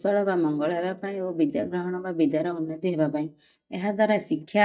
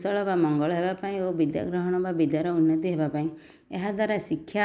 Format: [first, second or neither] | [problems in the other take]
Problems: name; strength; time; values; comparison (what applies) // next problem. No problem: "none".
second | noise reduction (neural mask model DeepFilterNet 3)